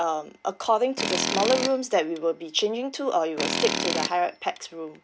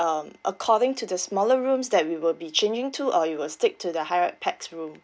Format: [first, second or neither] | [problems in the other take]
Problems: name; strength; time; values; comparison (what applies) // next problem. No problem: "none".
second | background sound (Tools); 3 dB below the speech